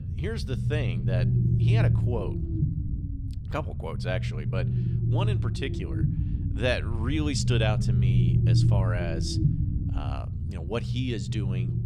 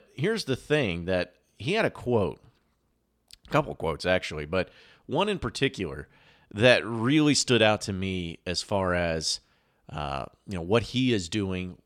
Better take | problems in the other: second | low rumble; loud; throughout; 5 dB below the speech

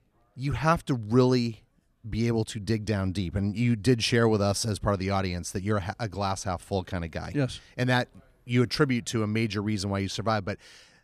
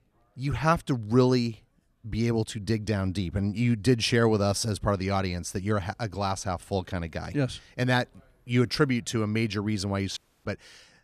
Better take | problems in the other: first | audio cutting out; at 10 s

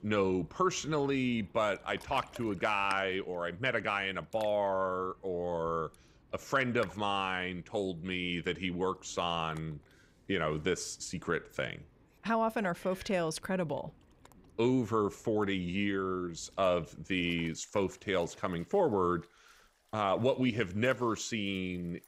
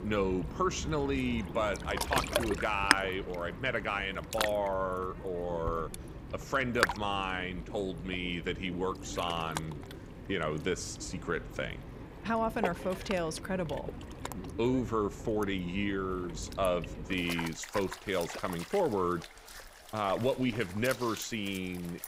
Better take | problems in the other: first | rain or running water; loud; throughout; 6 dB below the speech; faint in the first

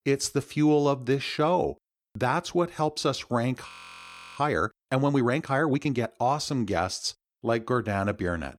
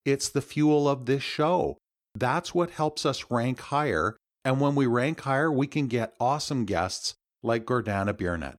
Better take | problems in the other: second | audio freezing; at 3.5 s for 0.5 s

